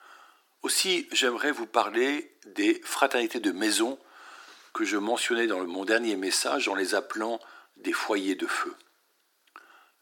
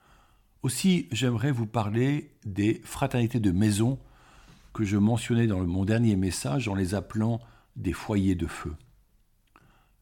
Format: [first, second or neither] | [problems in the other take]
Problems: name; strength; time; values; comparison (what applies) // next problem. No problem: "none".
second | thin; very; fading below 300 Hz